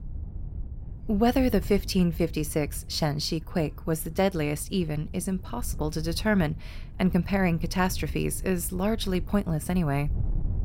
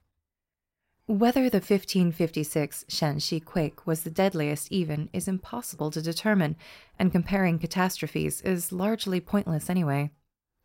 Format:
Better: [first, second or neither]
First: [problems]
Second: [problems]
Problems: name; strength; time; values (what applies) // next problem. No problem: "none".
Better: second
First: wind noise on the microphone; occasional gusts; 25 dB below the speech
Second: none